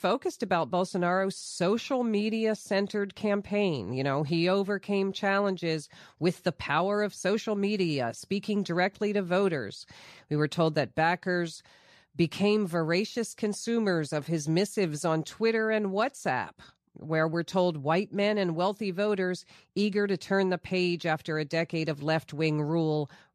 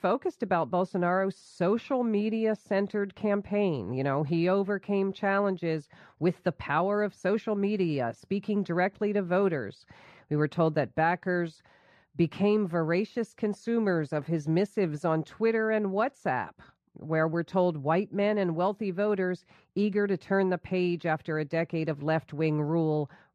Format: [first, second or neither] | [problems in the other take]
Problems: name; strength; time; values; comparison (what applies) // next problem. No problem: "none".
first | muffled; slightly; fading above 3 kHz